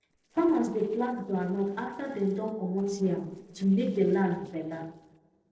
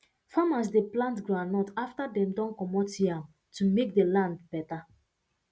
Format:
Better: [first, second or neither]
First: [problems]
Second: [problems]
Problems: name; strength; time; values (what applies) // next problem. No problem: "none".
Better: second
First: noise reduction (neural separator model SepFormer DNS4)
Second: none